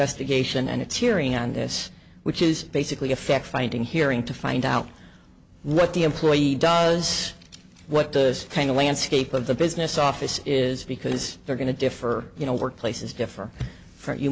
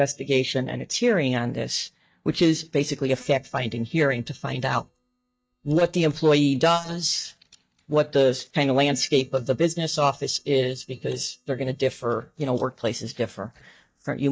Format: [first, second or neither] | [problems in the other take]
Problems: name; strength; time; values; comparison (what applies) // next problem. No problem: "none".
first | noise reduction (neural mask model DeepFilterNet 3)